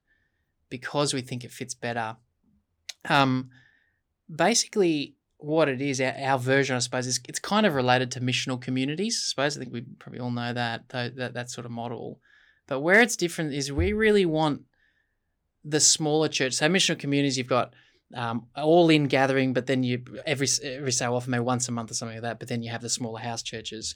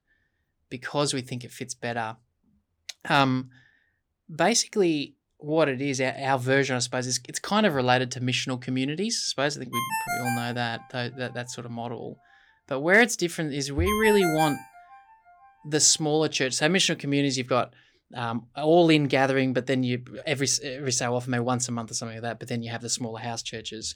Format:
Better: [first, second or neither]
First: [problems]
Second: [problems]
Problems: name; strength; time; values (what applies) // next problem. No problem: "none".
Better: first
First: none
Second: phone ringing; noticeable; from 9.5 to 15 s; peak 3 dB below the speech